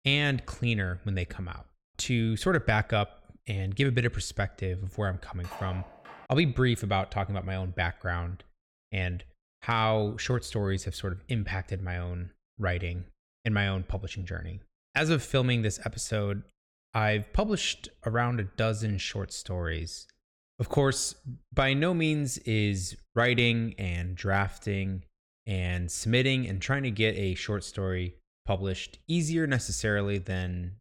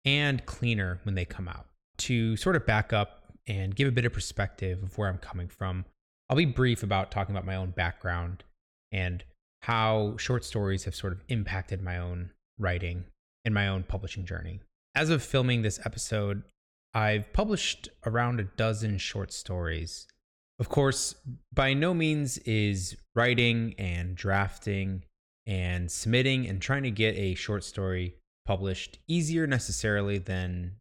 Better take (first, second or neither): second